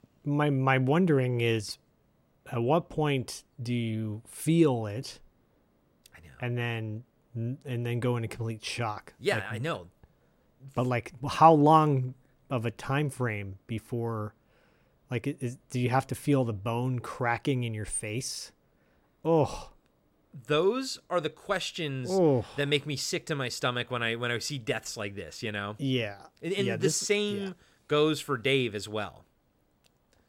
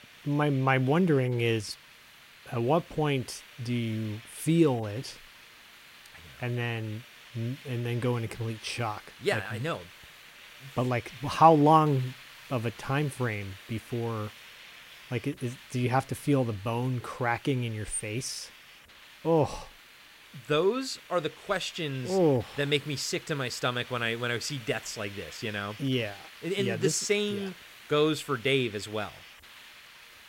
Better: first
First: none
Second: hiss; noticeable; throughout; 20 dB below the speech

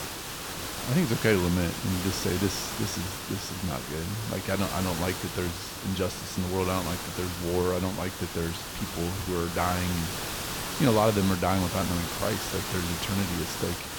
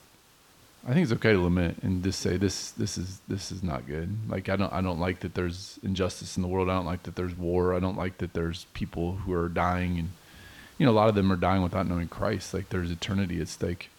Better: second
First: hiss; loud; throughout; 4 dB below the speech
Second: hiss; faint; throughout; 25 dB below the speech

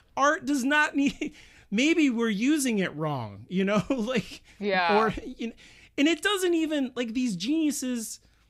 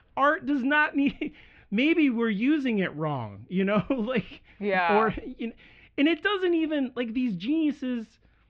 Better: first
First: none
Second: muffled; very; fading above 3 kHz

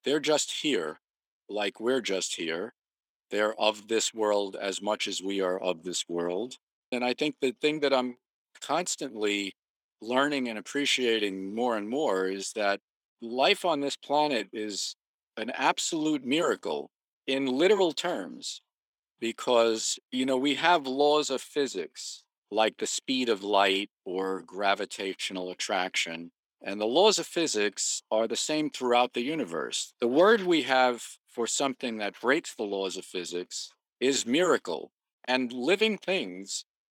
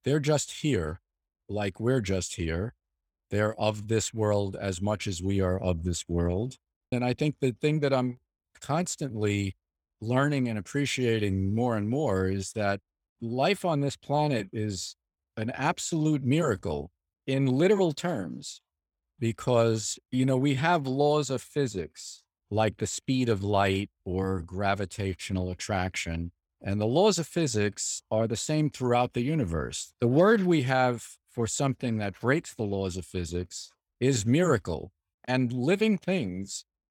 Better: second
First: thin; somewhat; fading below 250 Hz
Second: none

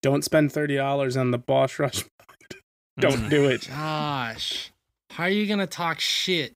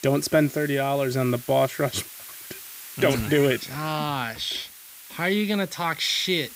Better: first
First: none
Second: hiss; noticeable; throughout; 15 dB below the speech

